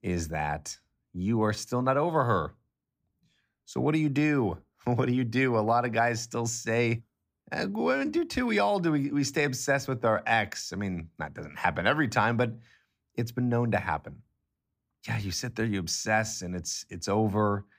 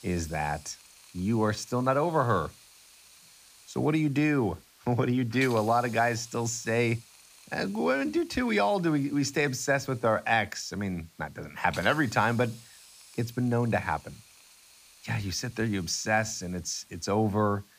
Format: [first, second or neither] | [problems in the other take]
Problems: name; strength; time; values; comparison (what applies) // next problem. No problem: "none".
first | hiss; faint; throughout; 20 dB below the speech